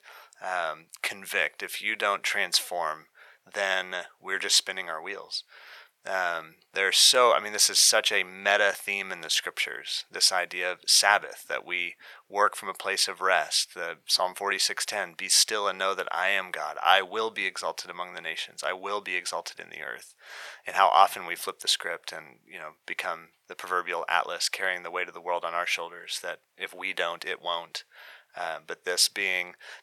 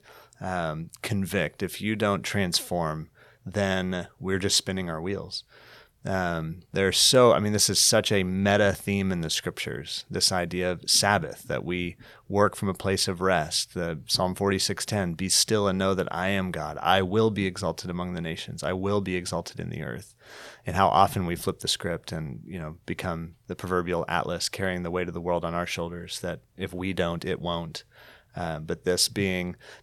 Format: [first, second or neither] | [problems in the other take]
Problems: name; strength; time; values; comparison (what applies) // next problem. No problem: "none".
second | thin; very; fading below 800 Hz